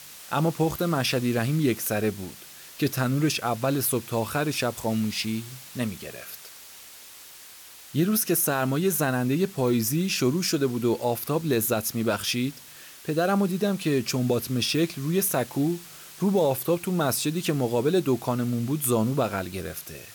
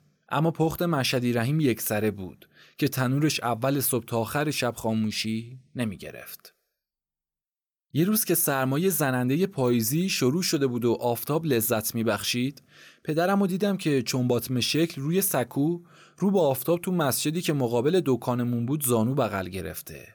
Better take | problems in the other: second | hiss; noticeable; throughout; 15 dB below the speech

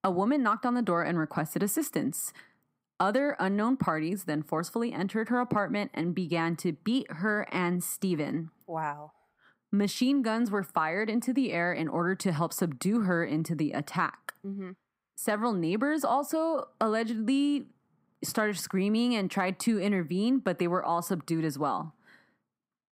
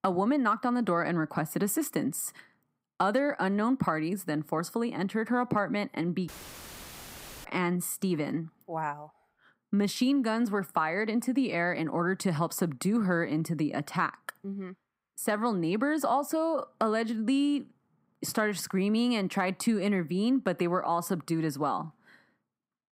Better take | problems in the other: first | audio cutting out; filled with static; at 6.5 s for 1 s

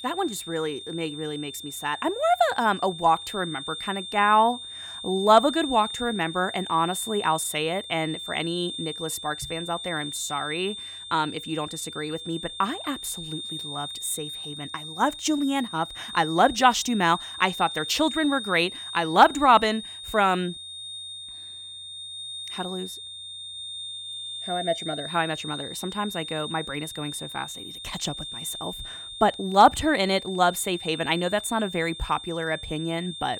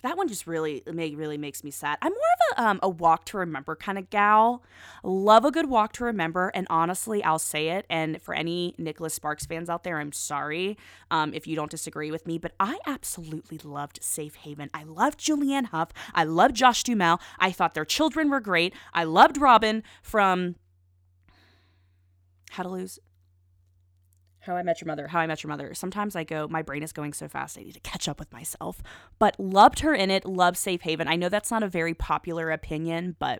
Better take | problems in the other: second | high-pitched whine; loud; throughout; 3.5 kHz, 9 dB below the speech

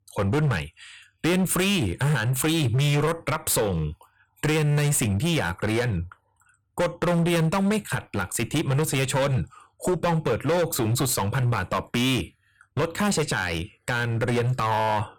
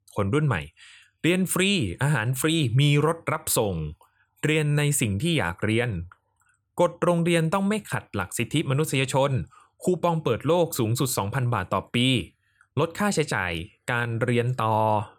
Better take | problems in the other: second | distortion; heavy; 18% of the sound clipped

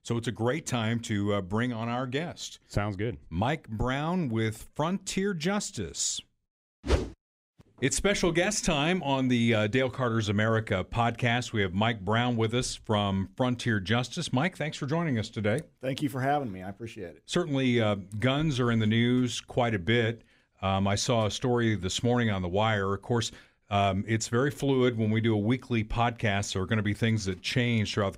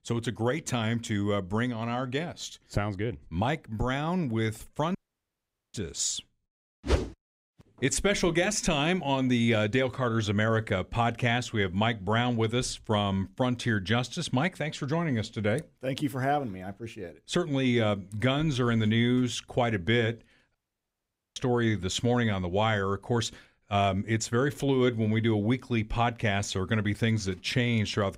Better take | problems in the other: first | audio cutting out; at 5 s for 1 s and at 21 s for 1 s

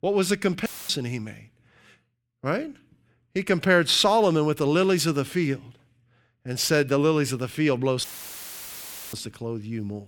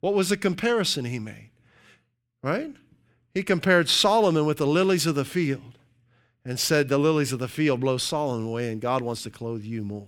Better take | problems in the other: second | audio cutting out; filled with static; at 0.5 s and at 8 s for 1 s

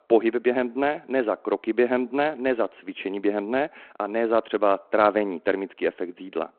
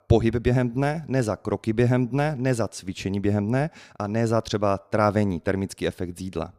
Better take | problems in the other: second | phone-call audio; nothing above 4 kHz

